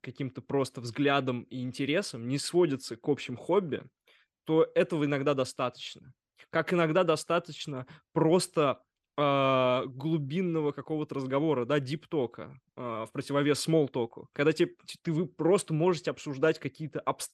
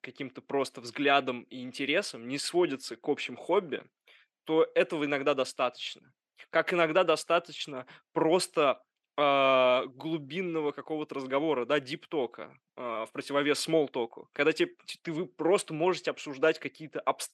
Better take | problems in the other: first | thin; very slightly; fading below 250 Hz

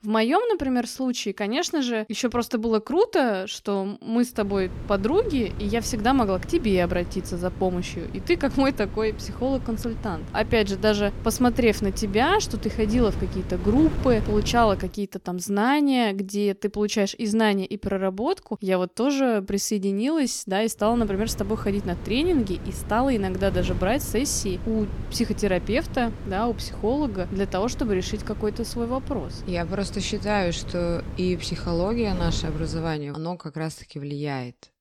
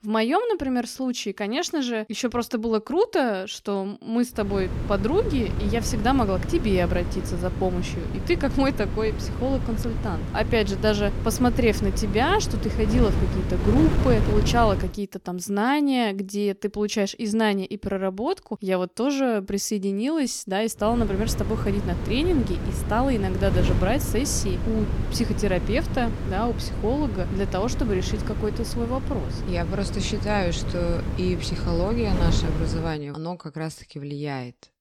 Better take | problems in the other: first | wind noise on the microphone; heavy; from 4.5 to 15 s and from 21 to 33 s; 9 dB below the speech; occasional gusts in the first

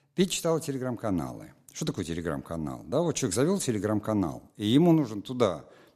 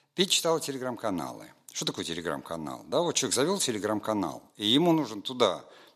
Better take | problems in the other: first | thin; very slightly; fading below 500 Hz

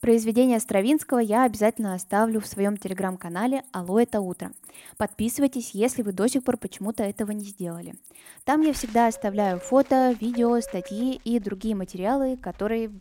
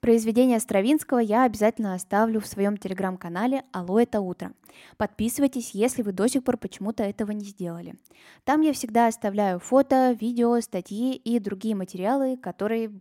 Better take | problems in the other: second | animal sounds; noticeable; throughout; 20 dB below the speech

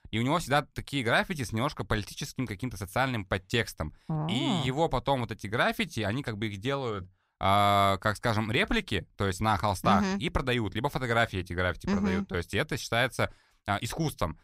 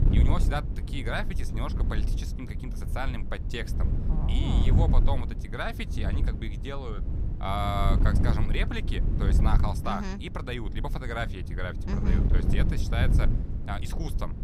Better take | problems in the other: first | wind noise on the microphone; heavy; 7 dB below the speech

